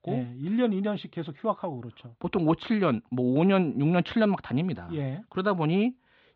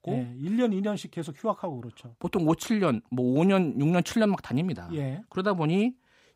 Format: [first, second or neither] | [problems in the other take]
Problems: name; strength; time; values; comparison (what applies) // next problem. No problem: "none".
second | muffled; slightly; fading above 3.5 kHz